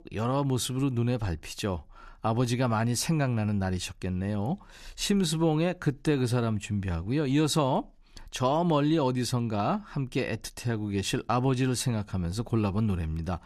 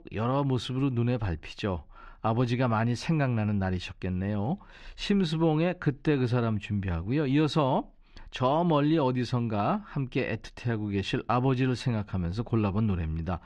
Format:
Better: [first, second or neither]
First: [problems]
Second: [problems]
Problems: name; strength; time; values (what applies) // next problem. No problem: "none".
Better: first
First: none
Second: muffled; slightly; fading above 3 kHz